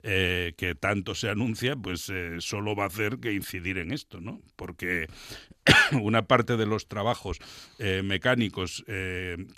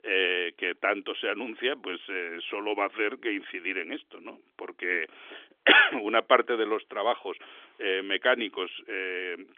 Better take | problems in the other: first | phone-call audio; nothing above 3.5 kHz

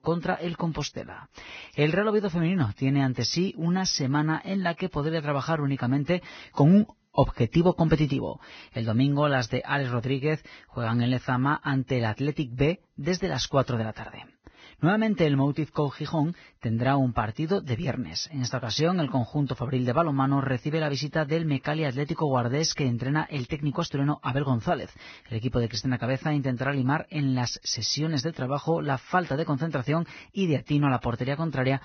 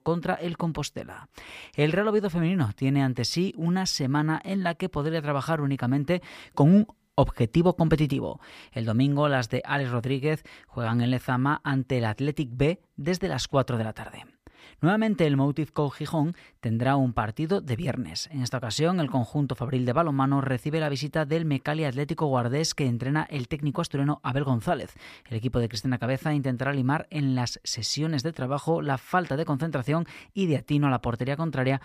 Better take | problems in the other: second | garbled, watery; badly; nothing above 6 kHz

